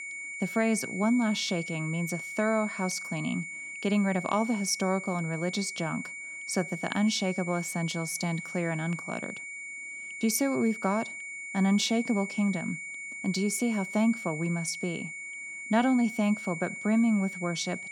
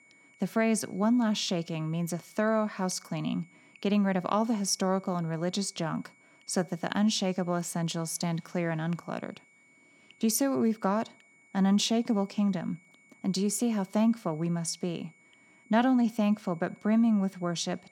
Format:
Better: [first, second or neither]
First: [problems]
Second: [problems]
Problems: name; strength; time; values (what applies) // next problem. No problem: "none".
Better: second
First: high-pitched whine; loud; throughout; 2 kHz, 8 dB below the speech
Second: high-pitched whine; faint; throughout; 2 kHz, 30 dB below the speech